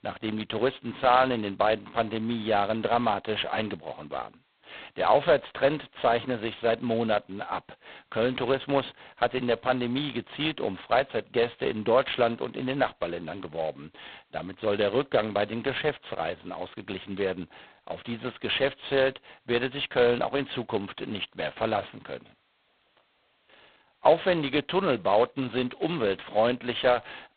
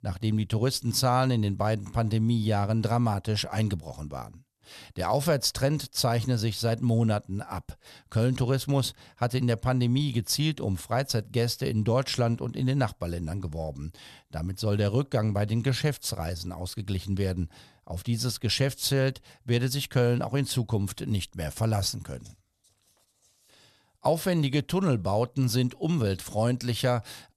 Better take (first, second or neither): second